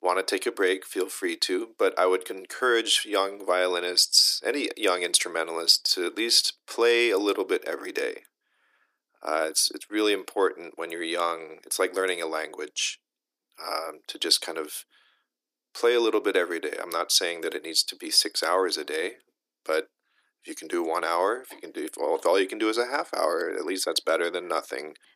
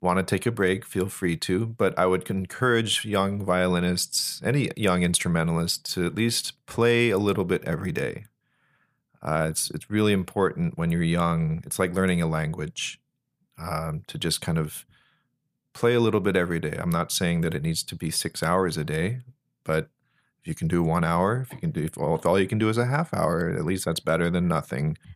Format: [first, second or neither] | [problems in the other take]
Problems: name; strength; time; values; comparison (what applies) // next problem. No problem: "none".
second | thin; very; fading below 300 Hz